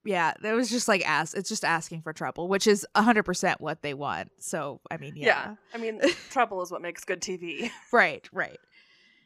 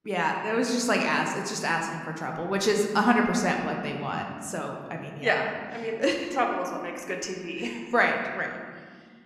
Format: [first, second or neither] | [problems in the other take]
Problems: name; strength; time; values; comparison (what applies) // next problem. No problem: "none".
first | room echo; slight; dies away in 1.7 s